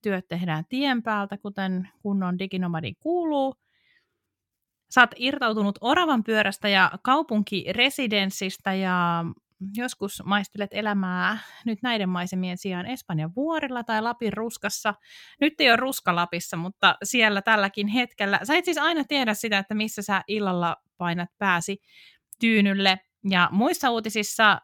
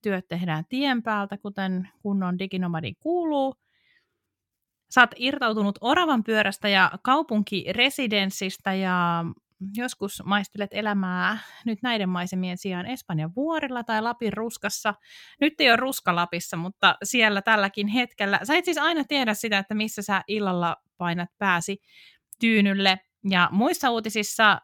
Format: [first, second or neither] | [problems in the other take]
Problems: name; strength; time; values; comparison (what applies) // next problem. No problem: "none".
neither | none